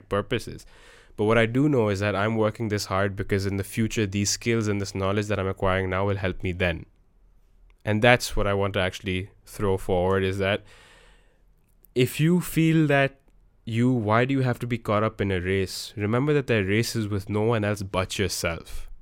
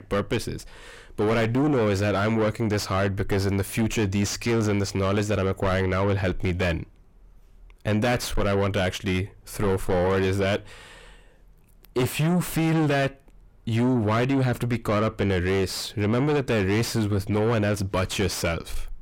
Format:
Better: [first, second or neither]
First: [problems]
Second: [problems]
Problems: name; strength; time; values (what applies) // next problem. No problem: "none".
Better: first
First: none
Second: distortion; heavy; 6 dB below the speech